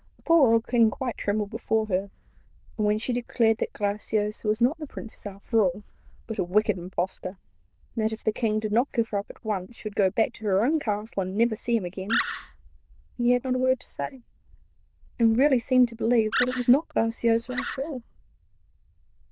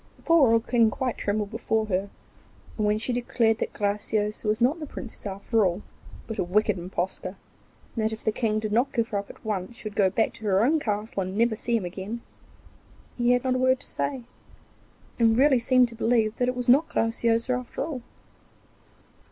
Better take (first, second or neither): second